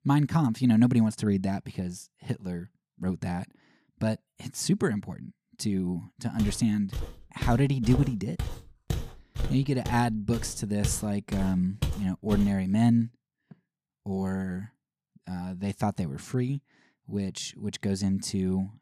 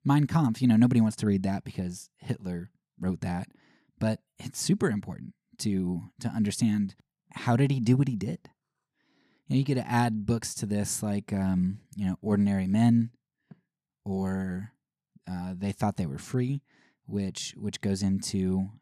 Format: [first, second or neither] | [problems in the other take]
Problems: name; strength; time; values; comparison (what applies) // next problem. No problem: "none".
second | footsteps; noticeable; from 6.5 to 12 s; peak 5 dB below the speech